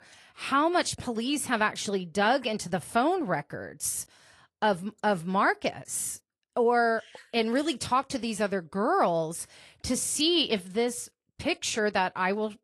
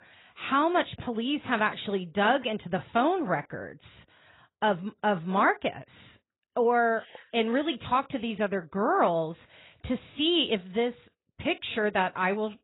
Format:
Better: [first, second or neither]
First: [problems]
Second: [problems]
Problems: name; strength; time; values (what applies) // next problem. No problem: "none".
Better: first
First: garbled, watery; slightly; nothing above 11.5 kHz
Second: garbled, watery; badly; nothing above 3.5 kHz